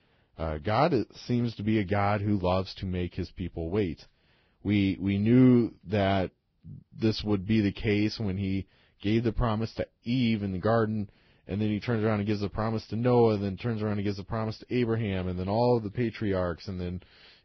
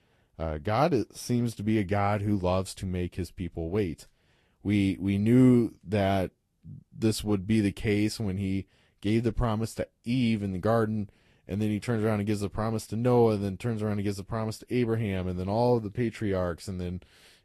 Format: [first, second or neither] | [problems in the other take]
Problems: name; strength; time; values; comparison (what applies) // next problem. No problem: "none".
second | garbled, watery; badly; nothing above 5.5 kHz; slightly in the second